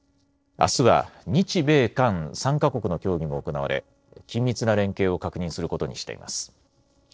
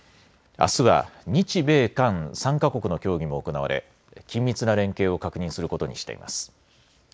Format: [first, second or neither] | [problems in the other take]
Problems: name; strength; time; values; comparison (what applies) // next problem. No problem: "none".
second | noise reduction (neural separator model SepFormer DNS4)